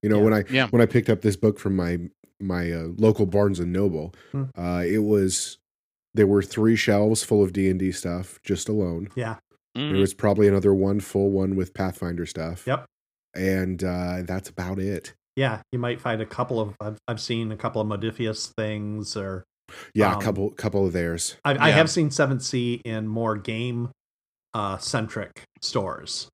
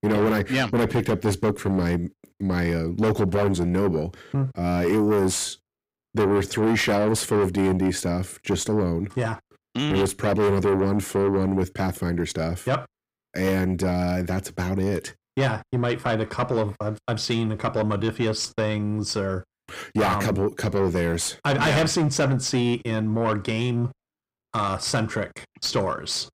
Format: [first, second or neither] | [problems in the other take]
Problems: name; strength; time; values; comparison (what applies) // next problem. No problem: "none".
first | distortion; heavy; 6 dB below the speech